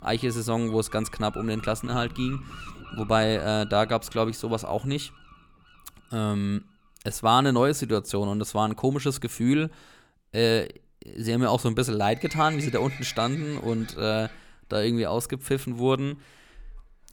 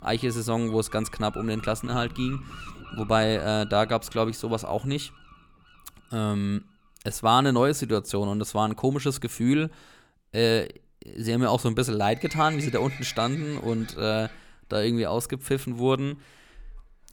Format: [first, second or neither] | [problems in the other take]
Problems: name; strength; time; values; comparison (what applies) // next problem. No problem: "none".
neither | animal sounds; noticeable; throughout; 15 dB below the speech; the same in both